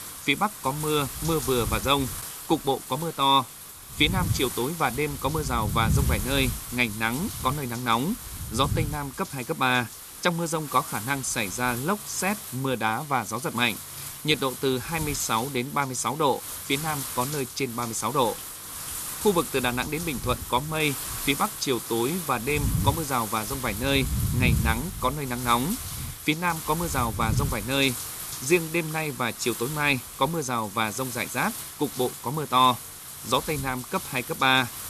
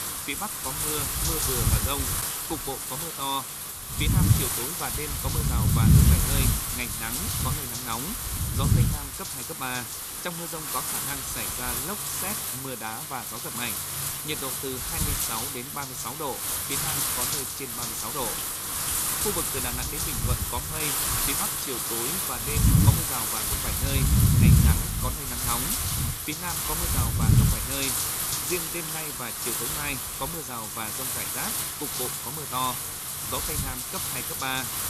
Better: first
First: wind noise on the microphone; occasional gusts; 10 dB below the speech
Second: wind noise on the microphone; heavy; 5 dB above the speech

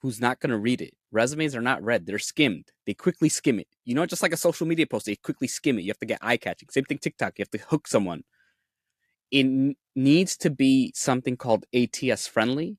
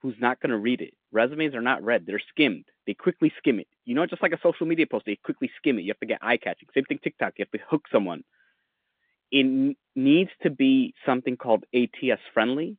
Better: first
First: none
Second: phone-call audio; nothing above 3.5 kHz

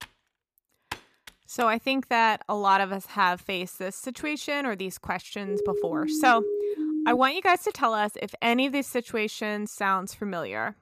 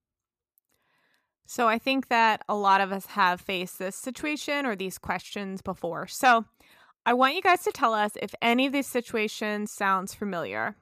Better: second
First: keyboard typing; faint; until 1.5 s; peak 15 dB below the speech // siren; noticeable; from 5.5 to 7 s; peak 2 dB below the speech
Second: none

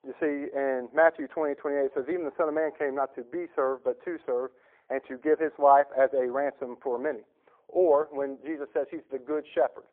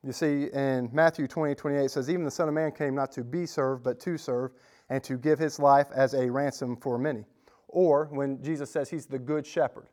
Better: second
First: phone-call audio; poor line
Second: none

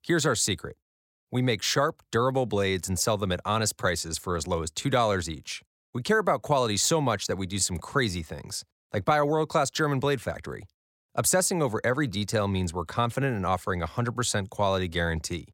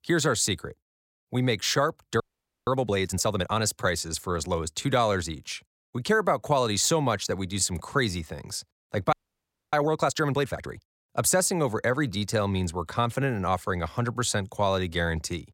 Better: first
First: none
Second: audio freezing; at 2 s and at 9 s for 0.5 s

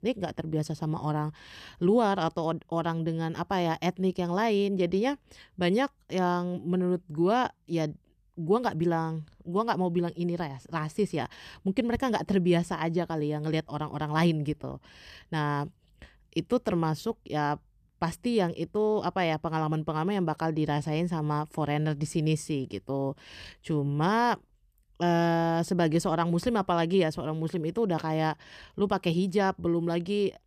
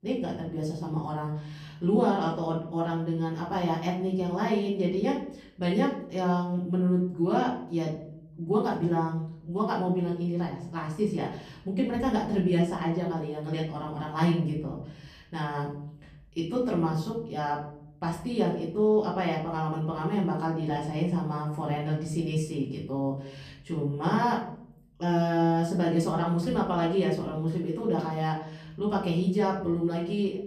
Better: first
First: none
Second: room echo; slight; dies away in 0.6 s // off-mic speech; far

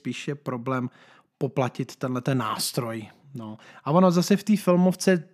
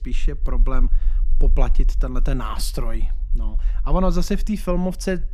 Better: first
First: none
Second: low rumble; faint; throughout; 25 dB below the speech

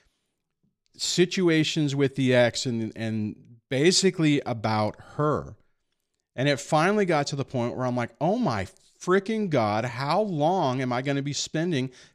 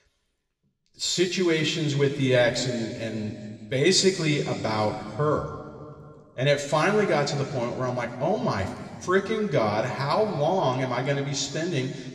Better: first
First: none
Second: room echo; slight; dies away in 2 s // off-mic speech; somewhat distant

